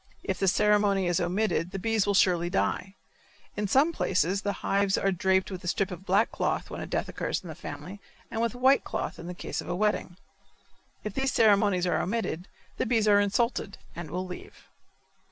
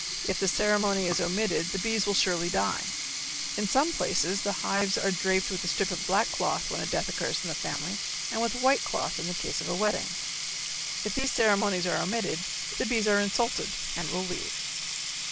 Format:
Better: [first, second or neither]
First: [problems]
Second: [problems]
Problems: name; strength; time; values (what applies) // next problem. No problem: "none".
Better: first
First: none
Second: background sound (Sink (filling or washing)); 3 dB below the speech